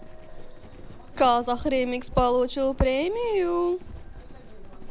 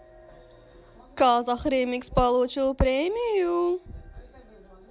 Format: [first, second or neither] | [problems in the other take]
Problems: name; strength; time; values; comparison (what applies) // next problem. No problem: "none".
second | background sound (Livestock, farm animals, working animals); 13 dB below the speech